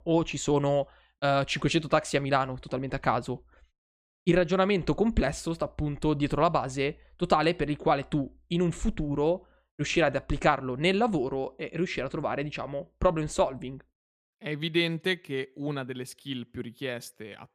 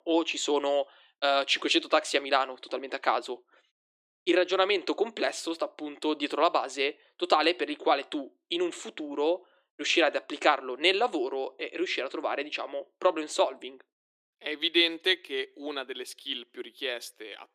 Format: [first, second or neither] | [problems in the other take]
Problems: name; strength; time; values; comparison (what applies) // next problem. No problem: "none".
first | thin; somewhat; fading below 300 Hz